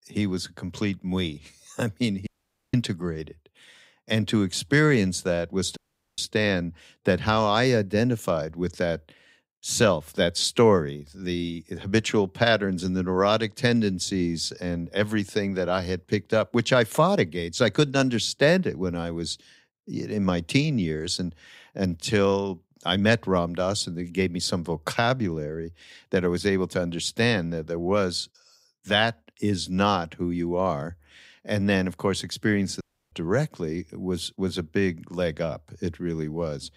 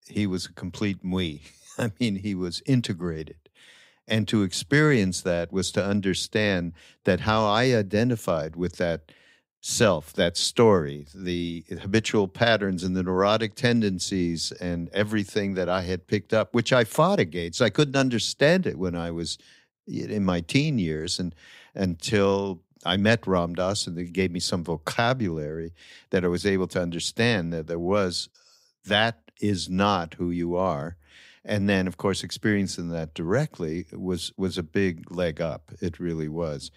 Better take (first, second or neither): second